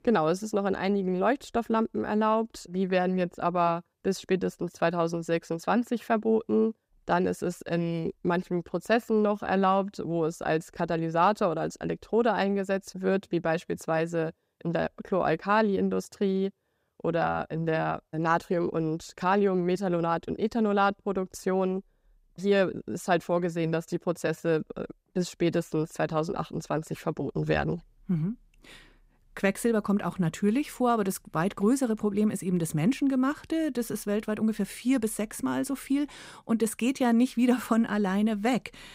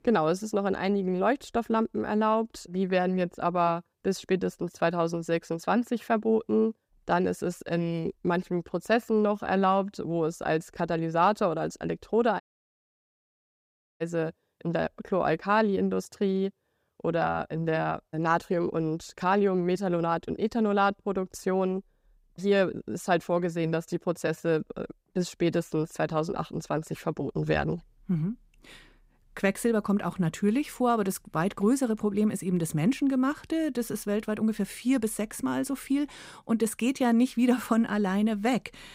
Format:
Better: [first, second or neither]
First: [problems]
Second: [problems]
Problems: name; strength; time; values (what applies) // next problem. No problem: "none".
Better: first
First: none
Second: audio cutting out; at 12 s for 1.5 s